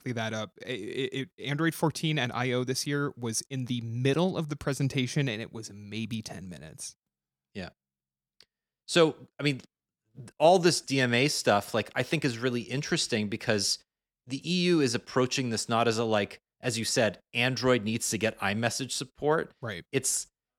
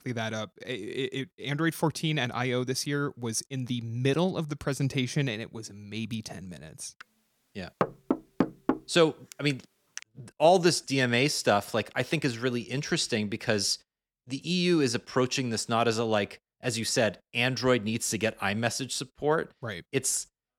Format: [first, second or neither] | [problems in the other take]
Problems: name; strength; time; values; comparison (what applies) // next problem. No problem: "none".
first | door banging; noticeable; from 8 to 10 s; peak 1 dB below the speech